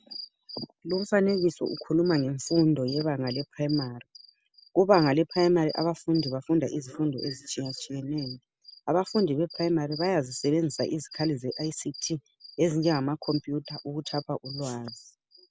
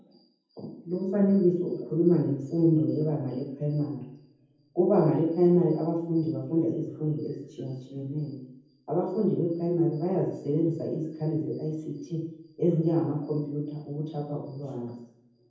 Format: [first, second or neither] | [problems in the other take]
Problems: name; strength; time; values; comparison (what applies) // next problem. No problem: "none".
first | room echo; dies away in 0.9 s